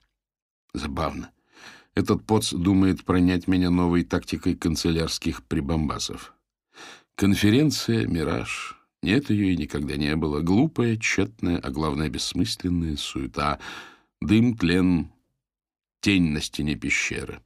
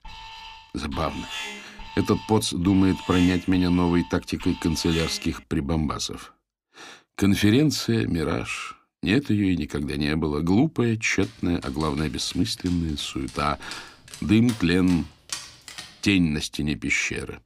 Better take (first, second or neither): first